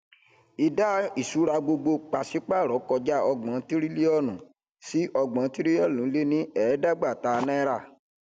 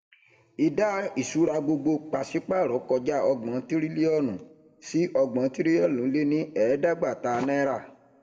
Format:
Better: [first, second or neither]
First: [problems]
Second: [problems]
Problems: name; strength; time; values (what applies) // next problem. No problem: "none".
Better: first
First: none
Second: room echo; dies away in 0.6 s